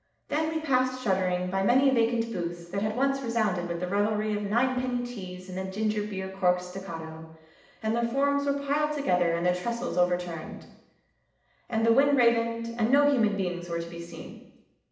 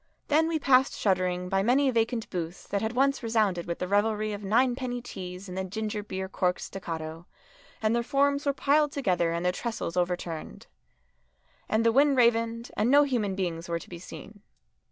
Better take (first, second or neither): second